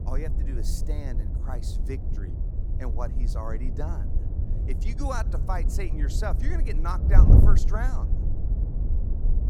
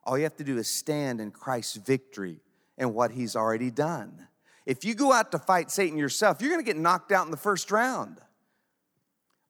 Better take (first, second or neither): second